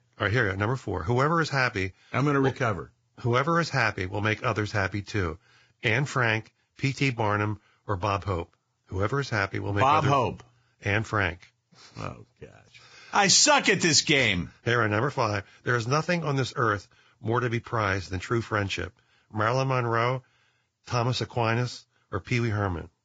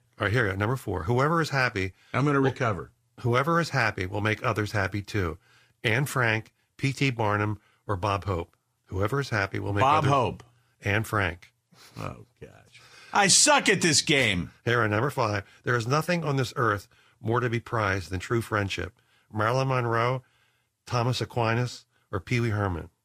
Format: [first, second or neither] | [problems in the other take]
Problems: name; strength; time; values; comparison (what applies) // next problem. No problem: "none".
second | garbled, watery; badly; nothing above 7.5 kHz; slightly in the second